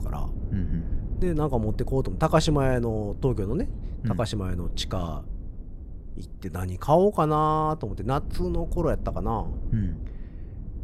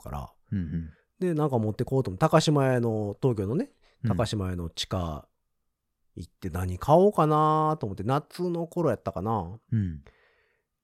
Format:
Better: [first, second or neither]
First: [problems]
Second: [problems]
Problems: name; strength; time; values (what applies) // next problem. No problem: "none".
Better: second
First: low rumble; faint; throughout; 20 dB below the speech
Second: none